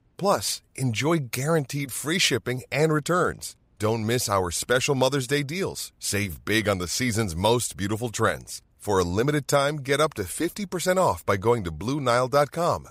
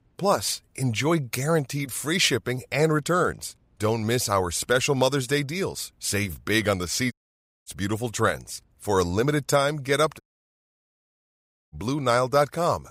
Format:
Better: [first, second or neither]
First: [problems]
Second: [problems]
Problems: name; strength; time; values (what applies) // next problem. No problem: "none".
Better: first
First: none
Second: audio cutting out; at 7 s for 0.5 s and at 10 s for 1.5 s